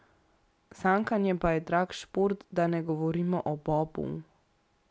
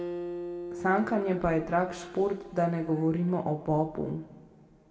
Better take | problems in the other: first | background sound (Acoustic guitar); 12 dB below the speech // room echo; dies away in 1.9 s

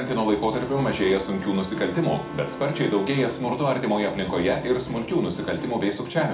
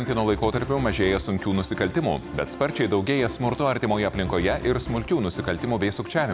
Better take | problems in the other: second | background sound (Brass instrument); 18 dB below the speech // room echo; dies away in 0.4 s

